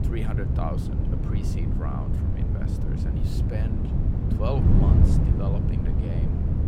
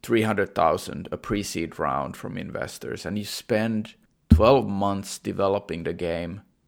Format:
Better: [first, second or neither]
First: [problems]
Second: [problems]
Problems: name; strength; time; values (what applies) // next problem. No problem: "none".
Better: second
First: wind noise on the microphone; heavy; 2 dB above the speech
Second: none